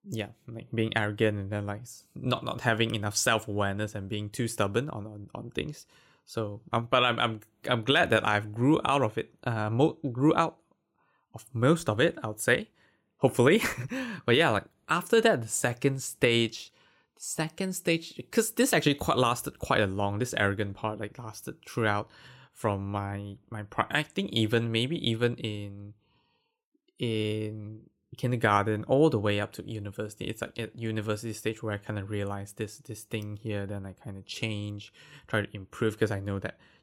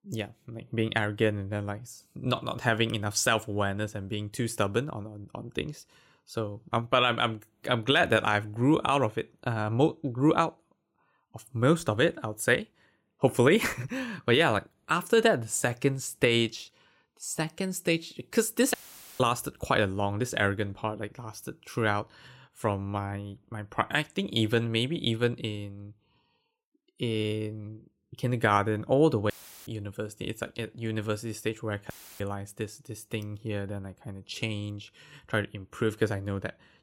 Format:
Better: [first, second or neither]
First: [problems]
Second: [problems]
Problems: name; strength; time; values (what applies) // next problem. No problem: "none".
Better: first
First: none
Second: audio cutting out; filled with static; at 19 s, at 29 s and at 32 s